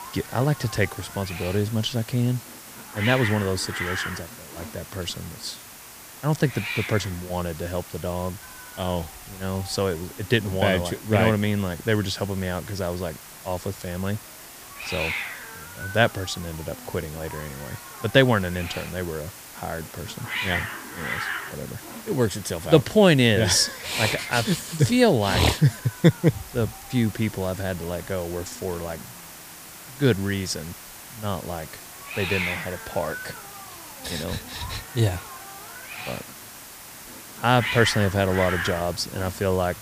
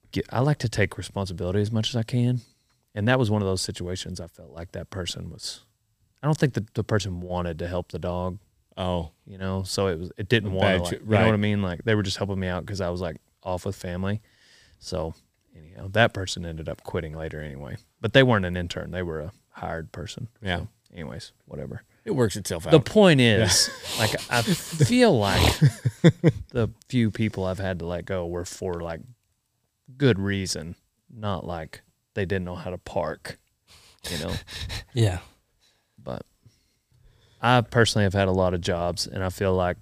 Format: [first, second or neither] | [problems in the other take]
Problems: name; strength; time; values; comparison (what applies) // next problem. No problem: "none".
second | hiss; loud; throughout; 10 dB below the speech